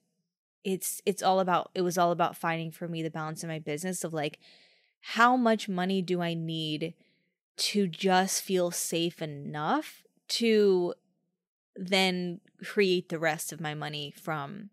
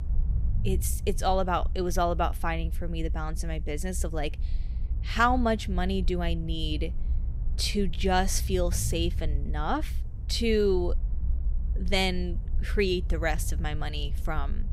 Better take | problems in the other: first | low rumble; faint; throughout; 20 dB below the speech

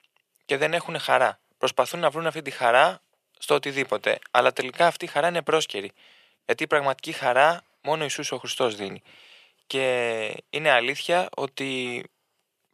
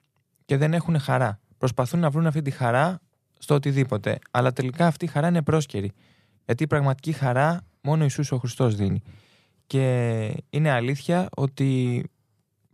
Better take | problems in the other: second | thin; very; fading below 550 Hz

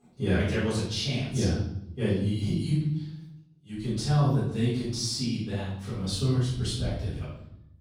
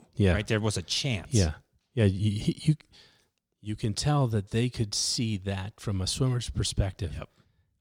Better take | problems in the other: second | off-mic speech; far // room echo; noticeable; dies away in 0.8 s

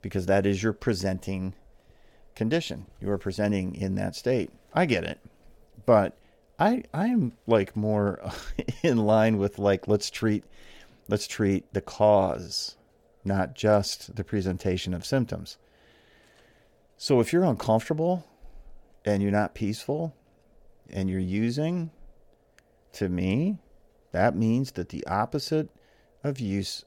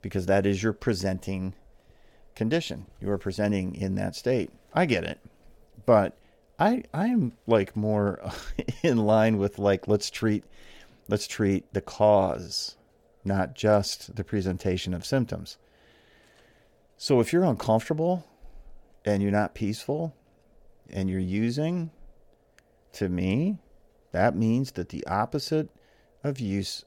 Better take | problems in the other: neither | none

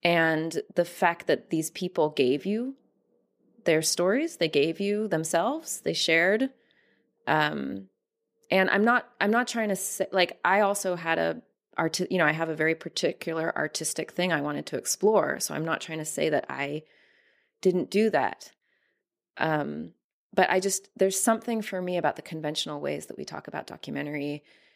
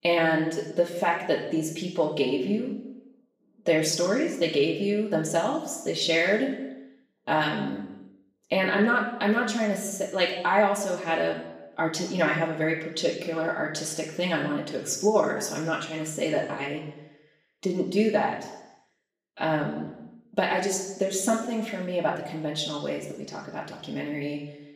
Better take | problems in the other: first | room echo; noticeable; dies away in 0.8 s // off-mic speech; far

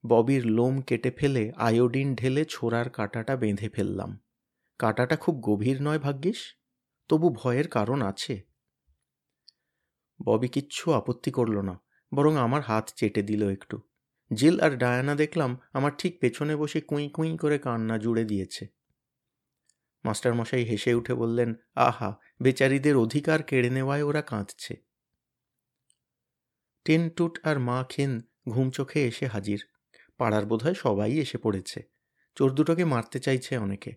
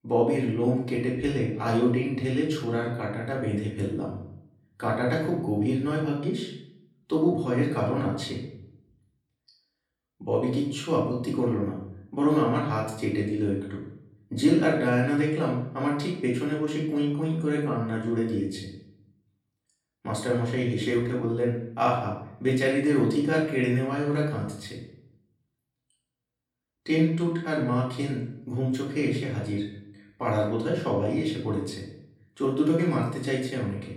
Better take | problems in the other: first | off-mic speech; far // room echo; noticeable; dies away in 0.6 s

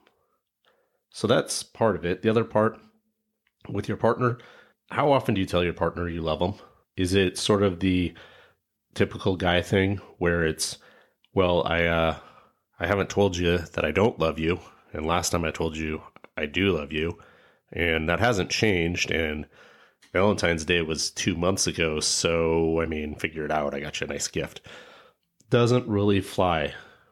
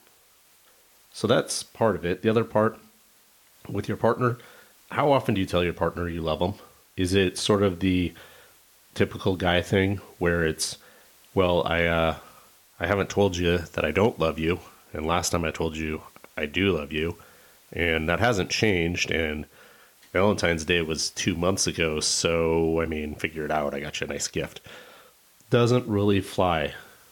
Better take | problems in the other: first | hiss; faint; throughout; 30 dB below the speech

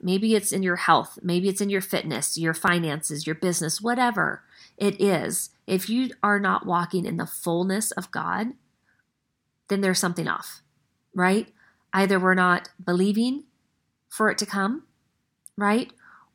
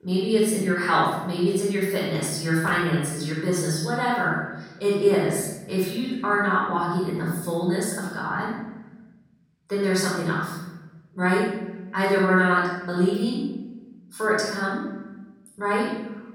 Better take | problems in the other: first | off-mic speech; far // room echo; strong; dies away in 1.2 s

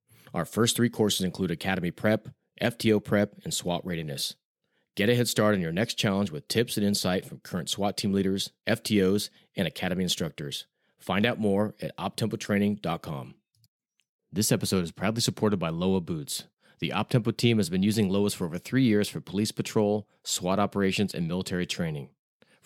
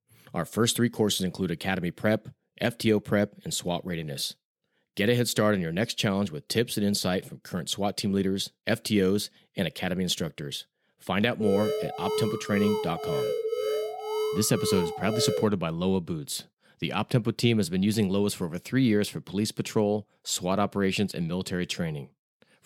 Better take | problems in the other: first | alarm; noticeable; from 11 to 15 s; peak 1 dB below the speech

